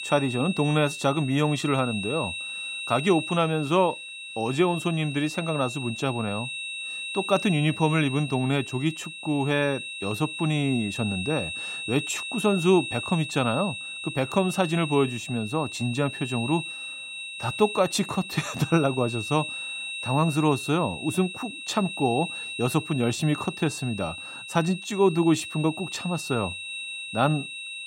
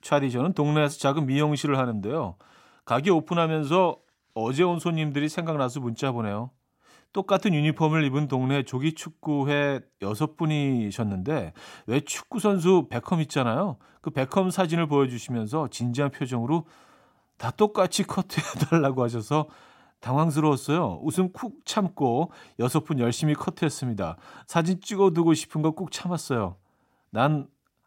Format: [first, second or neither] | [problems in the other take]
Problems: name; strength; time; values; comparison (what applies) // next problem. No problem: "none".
second | high-pitched whine; loud; throughout; 2.5 kHz, 7 dB below the speech